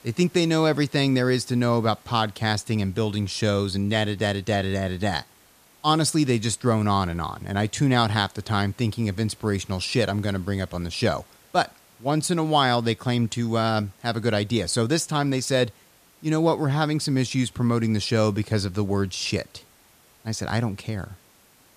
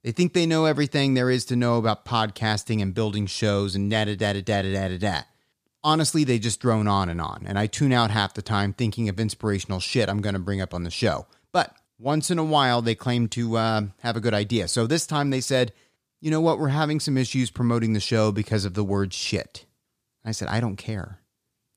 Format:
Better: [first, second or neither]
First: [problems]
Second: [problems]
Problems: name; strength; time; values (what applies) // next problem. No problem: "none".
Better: second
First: hiss; faint; throughout; 30 dB below the speech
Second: none